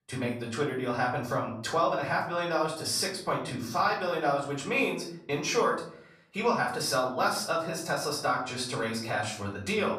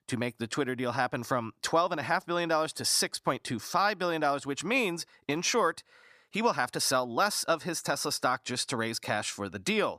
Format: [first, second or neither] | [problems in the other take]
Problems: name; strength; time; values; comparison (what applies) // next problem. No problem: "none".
second | off-mic speech; far // room echo; slight; dies away in 0.7 s